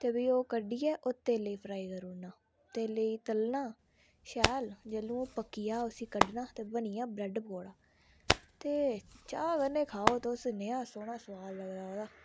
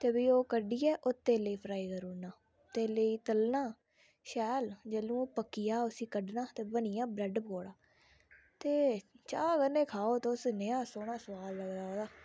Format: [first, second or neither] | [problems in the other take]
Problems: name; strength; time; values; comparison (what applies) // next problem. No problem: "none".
second | background sound (Hands); 2 dB below the speech